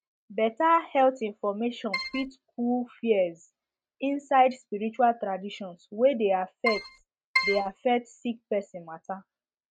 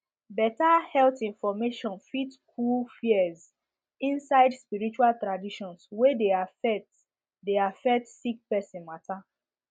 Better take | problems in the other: second | noise reduction (neural mask model RNNoise)

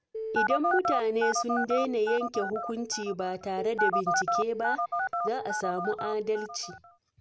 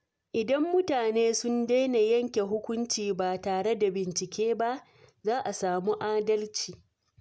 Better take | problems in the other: second | background sound (Telephone); as loud as the speech

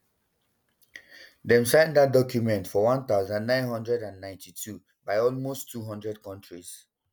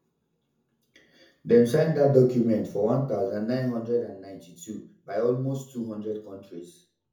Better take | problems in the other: first | room echo; dies away in 0.6 s

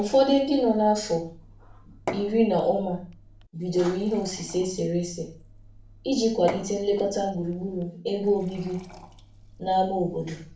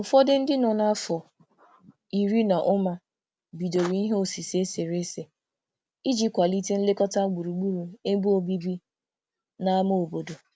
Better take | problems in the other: second | background sound (Fill (with liquid) / Glass / Water); 16 dB below the speech // room echo; dies away in 0.4 s

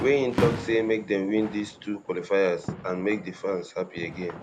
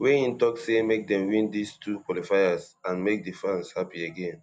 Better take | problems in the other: second | background sound (Fireworks); 9 dB below the speech

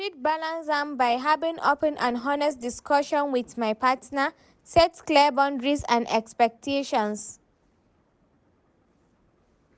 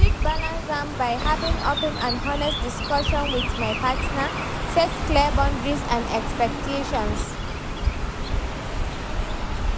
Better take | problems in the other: first | background sound (Chirp, tweet); 2 dB above the speech

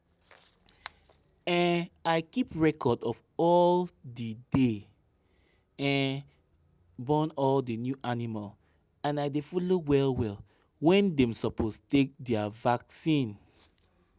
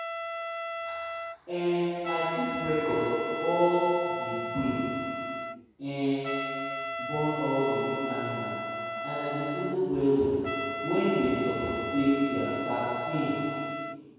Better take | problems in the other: first | background sound (Trumpet); 5 dB below the speech // room echo; dies away in 2.2 s

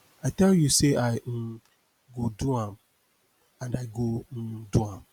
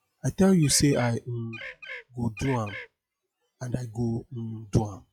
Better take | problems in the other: first | noise reduction (classical method log-MMSE)

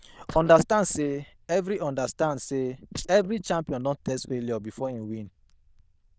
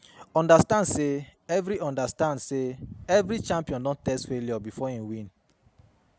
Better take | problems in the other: second | noise reduction (neural diffusion model UNIVERSE++)

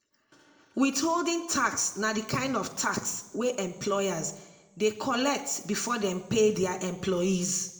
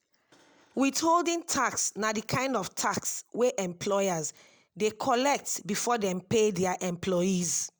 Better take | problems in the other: second | room echo; dies away in 0.7 s

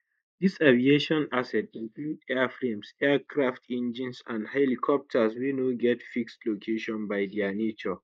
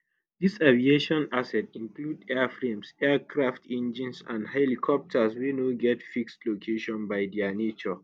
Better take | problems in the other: second | noise reduction (neural mask model Resemble Enhance denoiser)

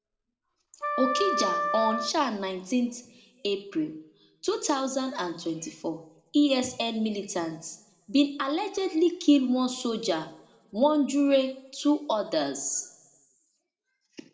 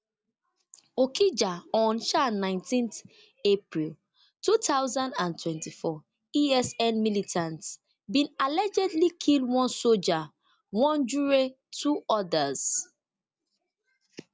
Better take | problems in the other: second | background sound (Wind instrument, woodwind instrument); 3 dB below the speech // room echo; dies away in 0.6 s

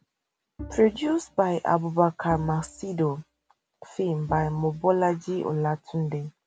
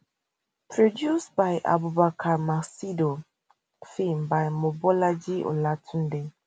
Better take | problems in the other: second | background sound (Bowed string instrument); 19 dB below the speech

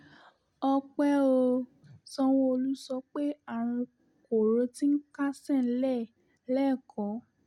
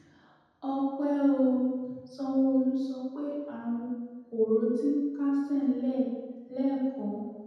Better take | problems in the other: first | room echo; dies away in 1.2 s

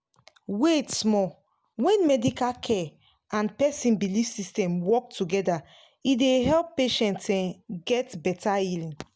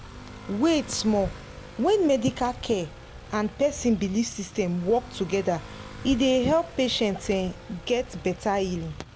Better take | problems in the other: first | background sound (Motorcycle / Accelerating, revving, vroom); 15 dB below the speech

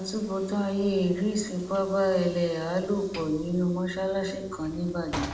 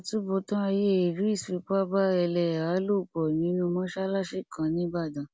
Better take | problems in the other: second | background sound (Sliding door / Train); 16 dB below the speech // room echo; dies away in 0.7 s

